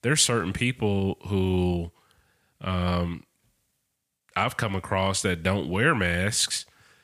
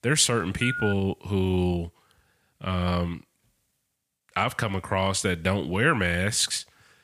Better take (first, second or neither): first